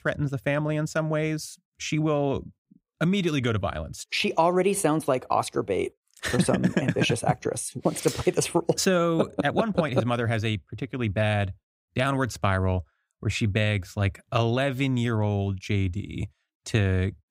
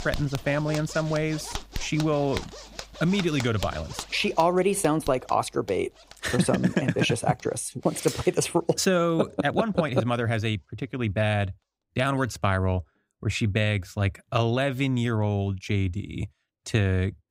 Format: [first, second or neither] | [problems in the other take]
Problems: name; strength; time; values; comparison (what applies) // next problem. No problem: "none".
first | household noises; noticeable; throughout; 15 dB below the speech